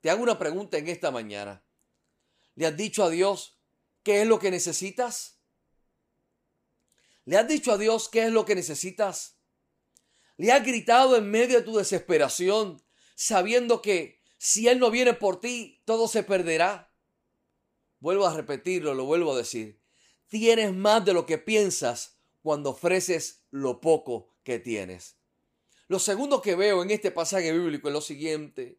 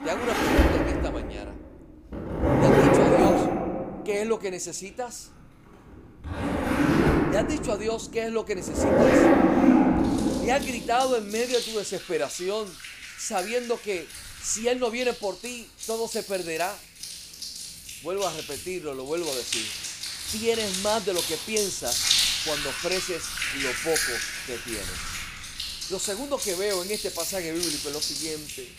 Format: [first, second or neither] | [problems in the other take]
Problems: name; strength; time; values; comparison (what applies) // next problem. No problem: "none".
first | household noises; very loud; throughout; 5 dB above the speech